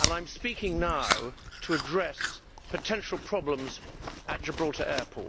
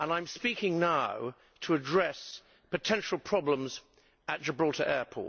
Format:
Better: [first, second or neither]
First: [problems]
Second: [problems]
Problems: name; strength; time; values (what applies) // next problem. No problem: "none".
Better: second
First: background sound (Chewing, mastication); 3 dB below the speech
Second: none